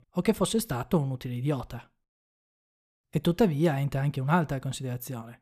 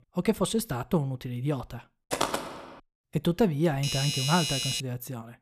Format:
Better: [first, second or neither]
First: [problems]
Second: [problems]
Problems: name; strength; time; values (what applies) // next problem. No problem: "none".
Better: first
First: none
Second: footsteps; noticeable; at 2 s; peak 1 dB below the speech // doorbell; loud; from 3.5 to 5 s; peak 1 dB above the speech